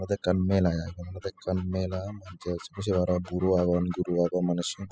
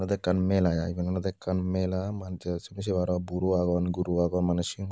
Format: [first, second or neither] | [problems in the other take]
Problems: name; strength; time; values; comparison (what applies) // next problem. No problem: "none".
second | noise reduction (classical method spectral subtraction)